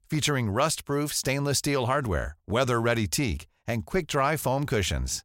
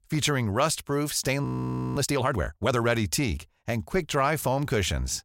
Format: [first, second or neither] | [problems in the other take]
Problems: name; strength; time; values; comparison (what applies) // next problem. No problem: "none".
first | audio freezing; at 1.5 s for 0.5 s